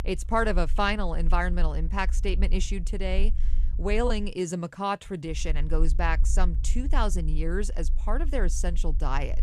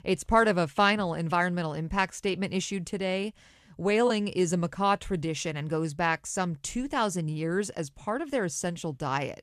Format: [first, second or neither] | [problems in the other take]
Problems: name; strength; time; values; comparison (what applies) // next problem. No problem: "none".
second | low rumble; faint; until 4.5 s and from 5.5 s on; 20 dB below the speech